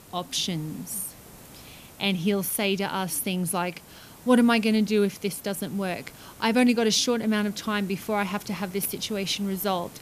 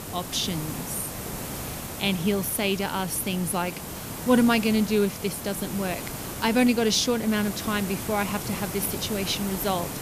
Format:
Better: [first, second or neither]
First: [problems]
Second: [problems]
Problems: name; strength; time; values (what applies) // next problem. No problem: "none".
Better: first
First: hiss; faint; throughout; 20 dB below the speech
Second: hiss; loud; throughout; 8 dB below the speech